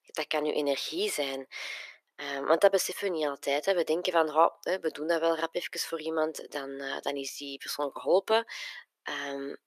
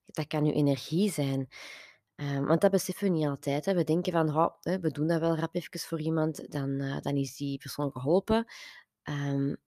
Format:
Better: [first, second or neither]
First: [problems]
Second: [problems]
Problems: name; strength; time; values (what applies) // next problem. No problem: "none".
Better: second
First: thin; very; fading below 400 Hz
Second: none